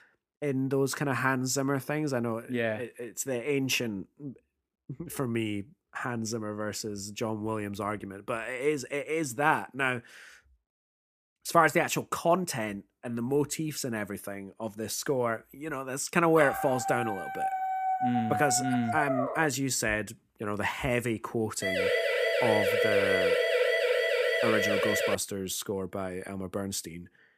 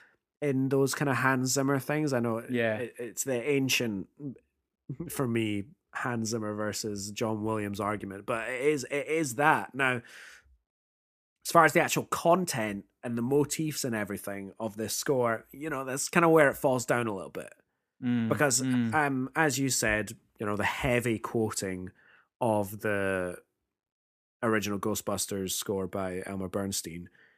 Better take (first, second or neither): second